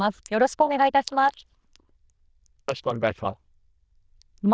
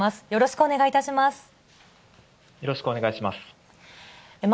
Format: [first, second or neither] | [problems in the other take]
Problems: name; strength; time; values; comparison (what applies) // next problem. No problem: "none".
second | noise reduction (neural diffusion model UNIVERSE++)